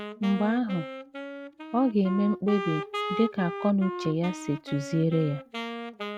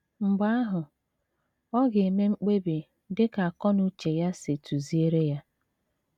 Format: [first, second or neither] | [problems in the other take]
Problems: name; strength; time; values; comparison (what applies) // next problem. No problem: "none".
second | background sound (Wind instrument, woodwind instrument); 8 dB below the speech